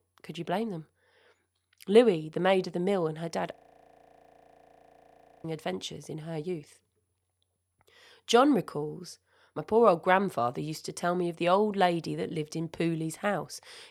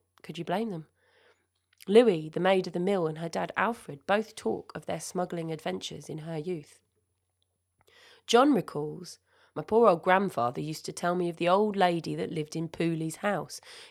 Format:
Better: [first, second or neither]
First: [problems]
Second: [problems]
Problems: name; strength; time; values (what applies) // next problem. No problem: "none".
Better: second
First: audio freezing; at 3.5 s for 2 s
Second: none